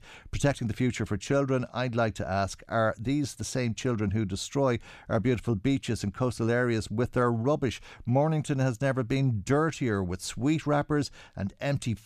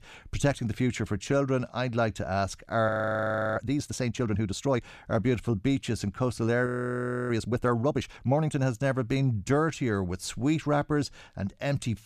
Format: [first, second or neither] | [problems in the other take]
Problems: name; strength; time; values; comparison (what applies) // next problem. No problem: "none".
first | audio freezing; at 3 s for 0.5 s and at 6.5 s for 0.5 s